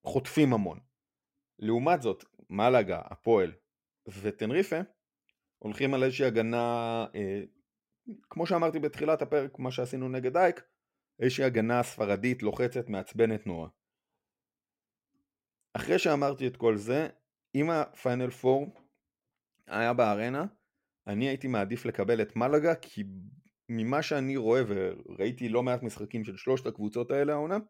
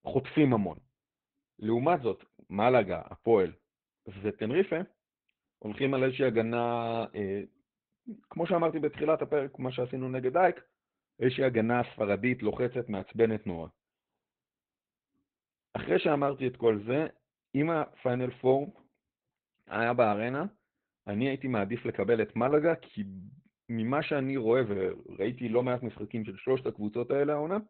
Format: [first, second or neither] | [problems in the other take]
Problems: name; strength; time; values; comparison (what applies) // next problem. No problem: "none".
first | garbled, watery; badly; nothing above 4 kHz